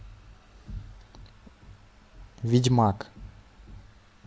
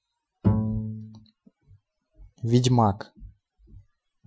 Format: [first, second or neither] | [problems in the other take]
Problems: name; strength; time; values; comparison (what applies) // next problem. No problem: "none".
first | noise reduction (classical method Wiener filter)